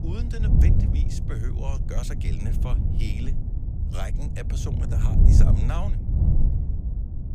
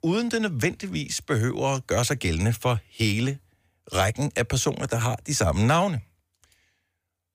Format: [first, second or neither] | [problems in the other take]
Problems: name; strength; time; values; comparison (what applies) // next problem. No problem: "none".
second | wind noise on the microphone; heavy; as loud as the speech